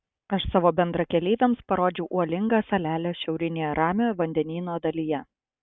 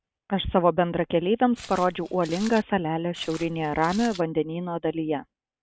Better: first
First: none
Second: background sound (Walk, footsteps); 17 dB below the speech

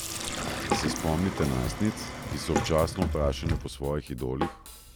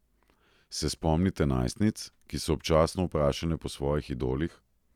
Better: second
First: background sound (Sink (filling or washing) + Drum kit); 2 dB below the speech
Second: none

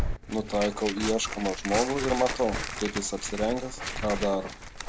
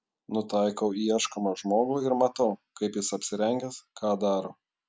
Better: second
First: background sound (Tearing); 5 dB below the speech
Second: none

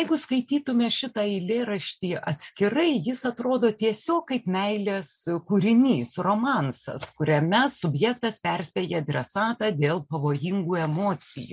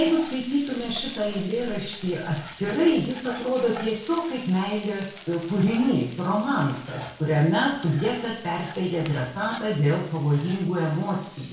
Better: first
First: none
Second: background sound (Frying (food)); 17 dB below the speech // room echo; dies away in 0.5 s

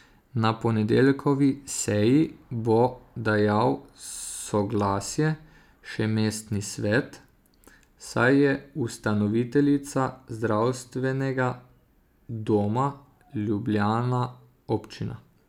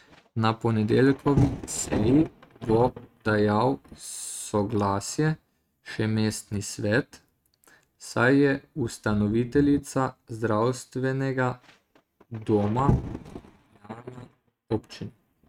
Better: first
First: none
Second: noise reduction (neural mask model RNNoise)

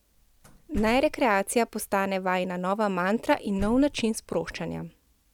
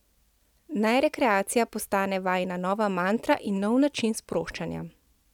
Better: second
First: background sound (Slam); 15 dB below the speech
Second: none

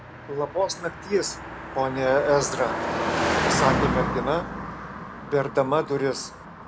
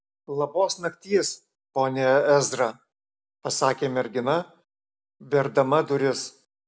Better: second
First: background sound (Car passing by); 2 dB below the speech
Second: none

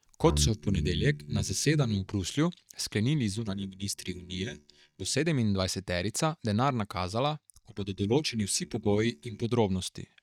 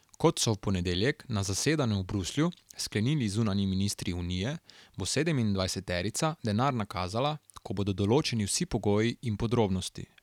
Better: second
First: noise reduction (neural mask model DeepFilterNet 3)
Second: none

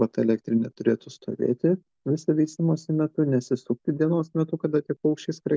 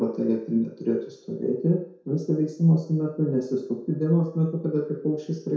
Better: first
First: none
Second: room echo; dies away in 0.5 s

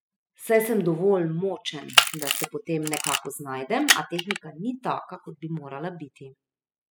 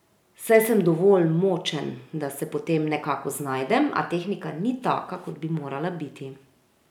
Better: second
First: noise reduction (classical method spectral subtraction)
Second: none

